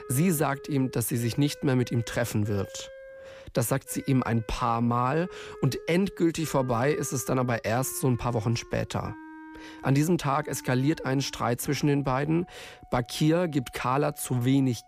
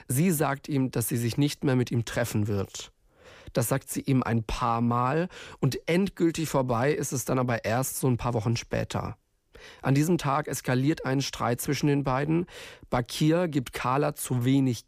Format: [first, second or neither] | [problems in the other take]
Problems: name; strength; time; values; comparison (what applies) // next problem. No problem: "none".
second | background music; faint; throughout; 20 dB below the speech